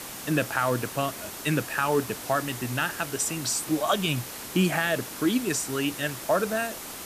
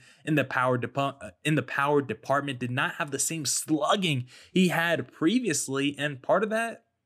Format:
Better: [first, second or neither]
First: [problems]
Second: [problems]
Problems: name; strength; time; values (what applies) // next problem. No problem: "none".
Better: second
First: hiss; loud; throughout; 9 dB below the speech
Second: none